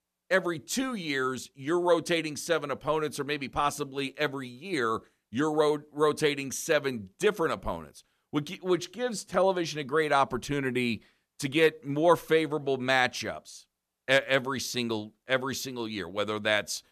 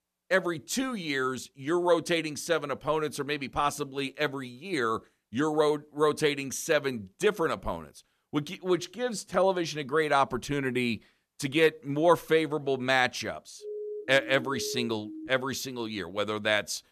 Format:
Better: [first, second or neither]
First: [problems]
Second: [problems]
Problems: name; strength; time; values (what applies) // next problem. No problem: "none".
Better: first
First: none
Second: siren; noticeable; from 14 to 15 s; peak 9 dB below the speech